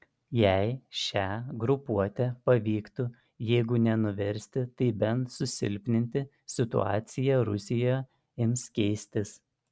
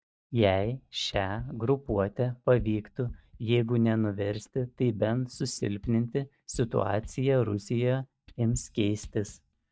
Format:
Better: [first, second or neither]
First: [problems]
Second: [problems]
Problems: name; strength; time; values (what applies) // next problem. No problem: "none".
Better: first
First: none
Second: noise reduction (neural mask model DeepFilterNet 3)